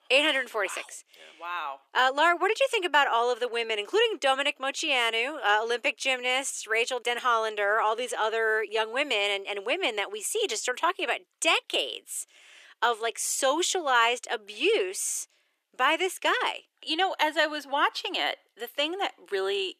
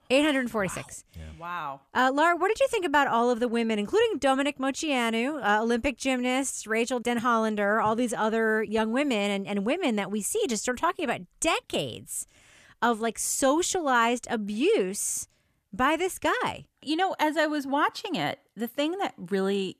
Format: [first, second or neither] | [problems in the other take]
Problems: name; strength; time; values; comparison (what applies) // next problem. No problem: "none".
second | thin; very; fading below 350 Hz